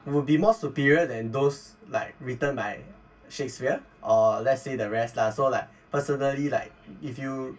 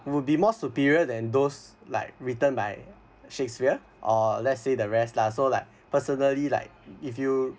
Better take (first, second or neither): second